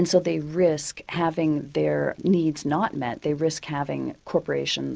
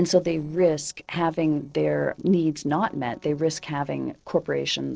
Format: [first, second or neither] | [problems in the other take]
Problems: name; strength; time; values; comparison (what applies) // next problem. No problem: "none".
first | noise reduction (neural separator model SepFormer DNS4)